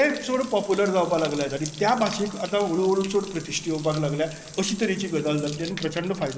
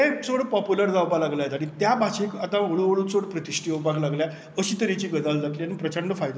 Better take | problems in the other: second | background sound (Bathtub (filling or washing)); 16 dB below the speech

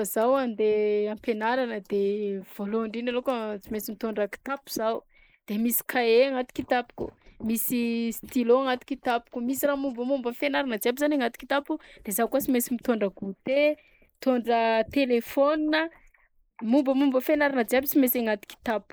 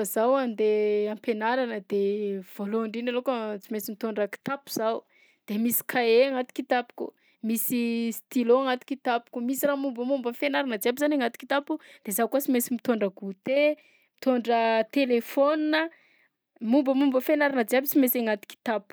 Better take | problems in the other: second | noise reduction (neural mask model Resemble Enhance denoiser)

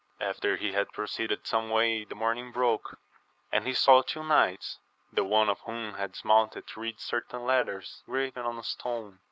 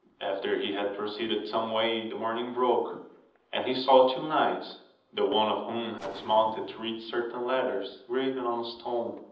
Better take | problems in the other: first | noise reduction (neural separator model SepFormer DNS4)

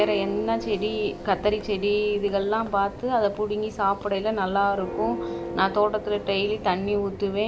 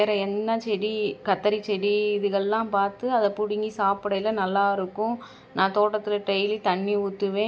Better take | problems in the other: second | background sound (Church bell); 11 dB below the speech

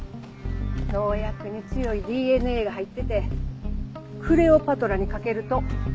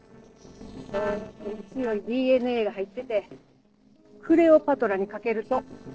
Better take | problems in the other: first | noise reduction (neural separator model SepFormer DNS4)

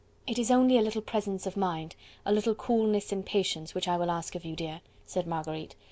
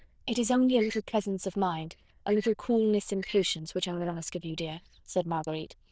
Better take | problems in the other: first | noise reduction (neural diffusion model UNIVERSE++)

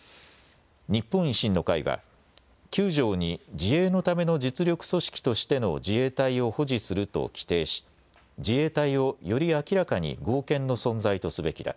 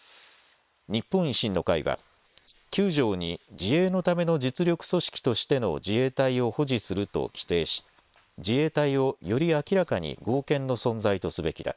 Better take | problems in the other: first | noise reduction (neural separator model SepFormer WHAM!)

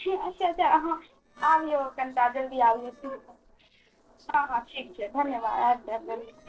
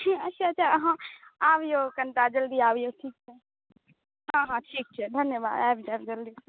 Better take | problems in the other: second | noise reduction (neural separator model SepFormer DNS4)

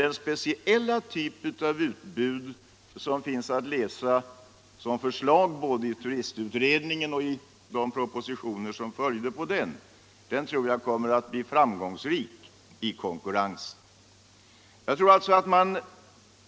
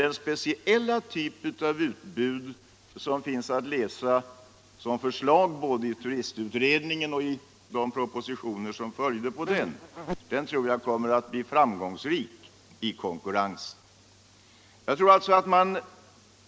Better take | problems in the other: first | background sound (Insect); 13 dB below the speech

